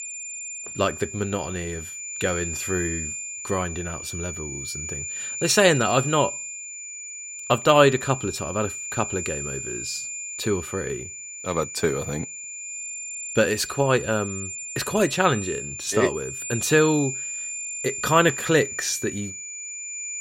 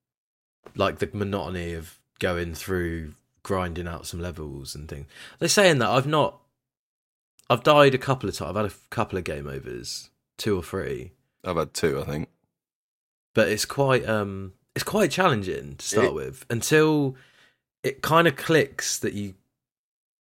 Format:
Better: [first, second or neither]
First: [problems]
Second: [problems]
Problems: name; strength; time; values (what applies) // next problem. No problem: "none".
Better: second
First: high-pitched whine; loud; throughout; 7 kHz, 7 dB below the speech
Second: none